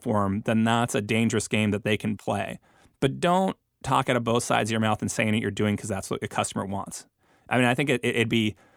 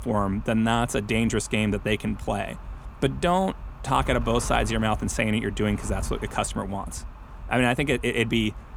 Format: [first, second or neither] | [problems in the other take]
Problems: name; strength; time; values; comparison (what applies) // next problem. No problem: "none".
first | wind noise on the microphone; occasional gusts; 20 dB below the speech